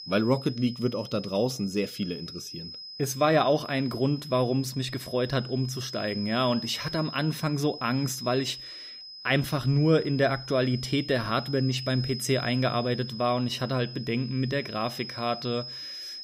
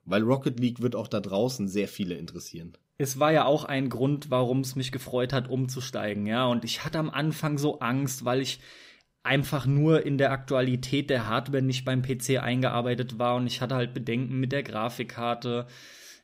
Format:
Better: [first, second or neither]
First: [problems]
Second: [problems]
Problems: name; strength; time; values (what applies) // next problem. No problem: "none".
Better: second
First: high-pitched whine; noticeable; throughout; 5 kHz, 10 dB below the speech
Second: none